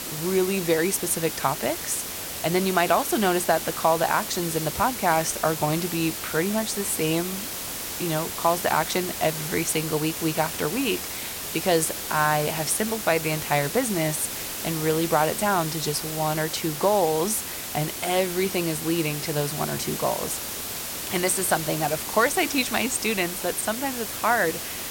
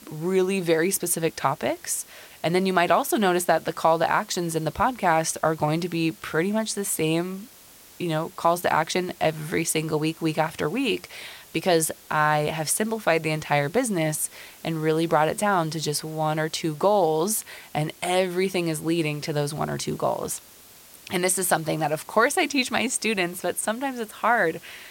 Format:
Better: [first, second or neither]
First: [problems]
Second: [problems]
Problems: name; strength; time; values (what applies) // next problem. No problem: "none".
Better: second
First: hiss; loud; throughout; 5 dB below the speech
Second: hiss; faint; throughout; 25 dB below the speech